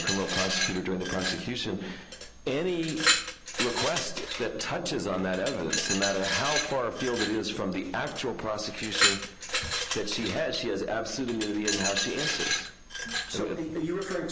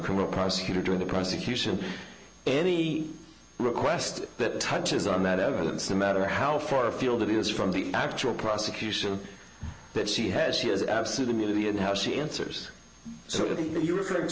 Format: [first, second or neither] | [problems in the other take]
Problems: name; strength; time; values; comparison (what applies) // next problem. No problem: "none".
second | background sound (Glass); 1 dB below the speech